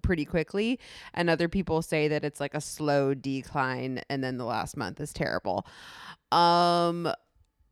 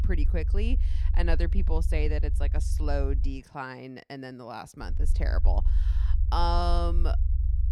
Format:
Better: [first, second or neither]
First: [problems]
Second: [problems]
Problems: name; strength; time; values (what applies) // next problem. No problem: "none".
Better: first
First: none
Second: low rumble; noticeable; until 3.5 s and from 5 s on; 15 dB below the speech